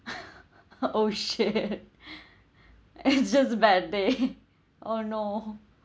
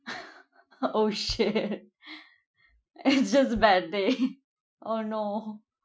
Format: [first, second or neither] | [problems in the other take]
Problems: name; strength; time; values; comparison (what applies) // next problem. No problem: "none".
first | noise reduction (classical method Wiener filter)